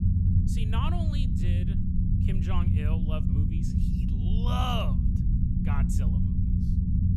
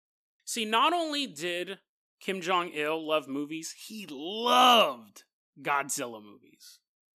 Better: second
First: low rumble; loud; throughout; 2 dB below the speech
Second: none

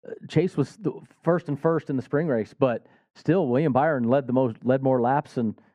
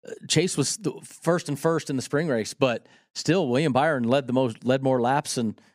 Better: second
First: muffled; very; fading above 3 kHz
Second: none

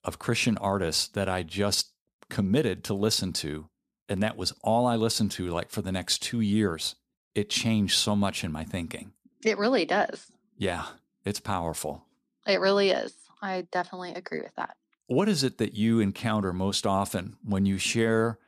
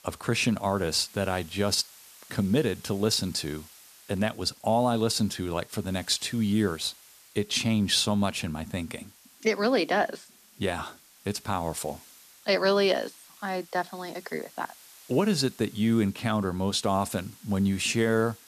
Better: first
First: none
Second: hiss; faint; throughout; 25 dB below the speech

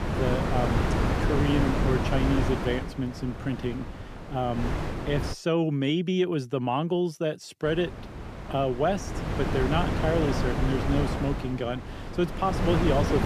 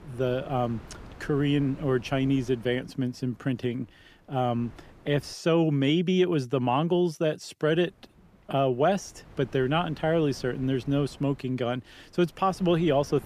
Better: second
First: wind noise on the microphone; heavy; until 5.5 s and from 7.5 s on; 3 dB below the speech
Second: wind noise on the microphone; occasional gusts; until 5.5 s and from 7.5 s on; 25 dB below the speech

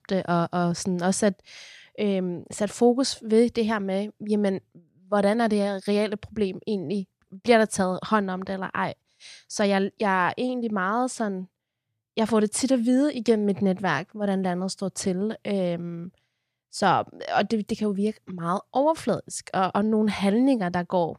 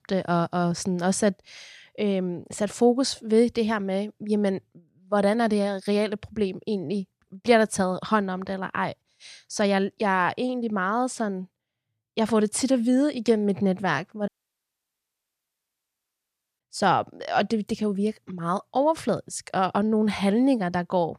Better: first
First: none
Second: audio cutting out; at 14 s for 2.5 s

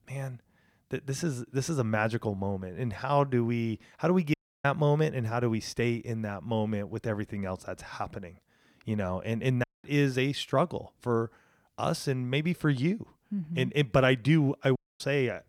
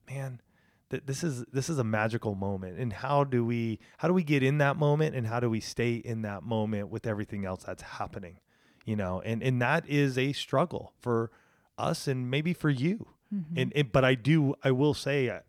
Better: second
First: audio cutting out; at 4.5 s, at 9.5 s and at 15 s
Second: none

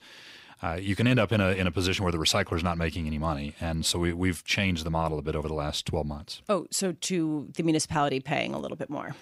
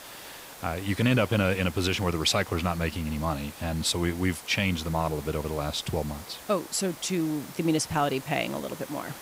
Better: first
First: none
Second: hiss; noticeable; throughout; 15 dB below the speech

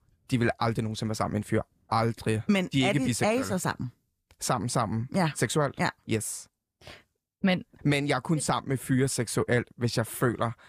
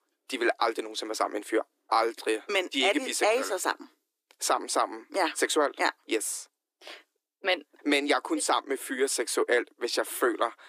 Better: first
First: none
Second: thin; somewhat; fading below 300 Hz

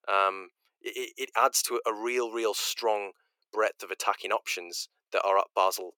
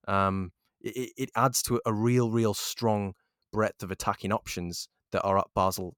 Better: second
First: thin; very; fading below 350 Hz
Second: none

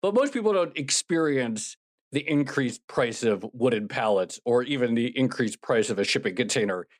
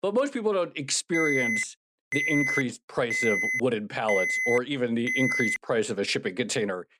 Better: first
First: none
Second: alarm; loud; from 1 to 5.5 s; peak 3 dB above the speech

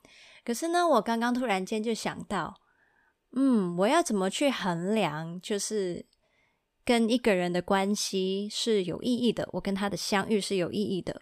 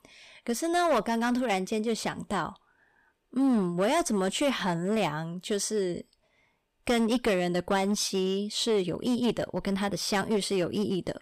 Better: first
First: none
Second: distortion; slight; 6% of the sound clipped

